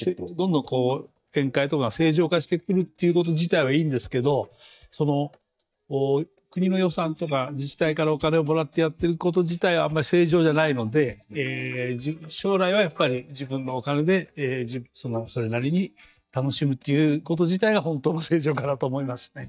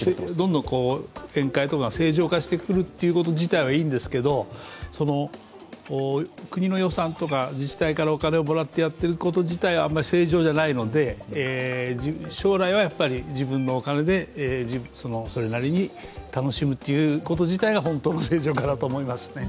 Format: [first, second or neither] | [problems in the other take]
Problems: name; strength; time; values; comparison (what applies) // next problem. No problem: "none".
second | noise reduction (neural mask model DeepFilterNet 3)